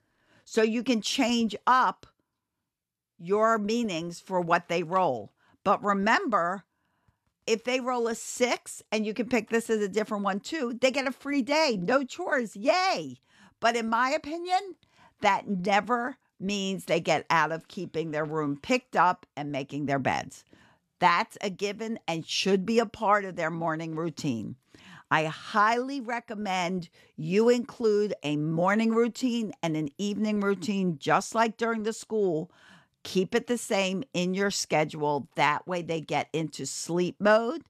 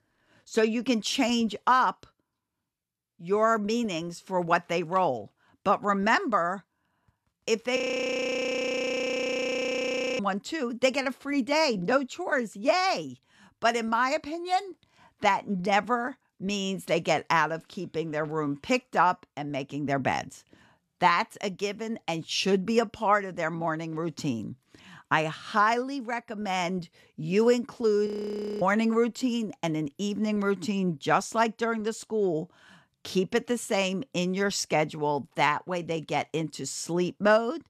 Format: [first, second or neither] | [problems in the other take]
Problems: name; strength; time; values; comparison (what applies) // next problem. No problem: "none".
first | audio freezing; at 8 s for 2.5 s and at 28 s for 0.5 s